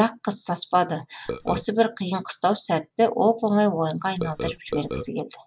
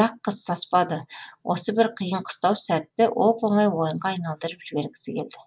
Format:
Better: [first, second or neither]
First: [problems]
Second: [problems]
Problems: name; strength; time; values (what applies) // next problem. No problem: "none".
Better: second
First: background sound (Burping, eructation); 7 dB below the speech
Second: none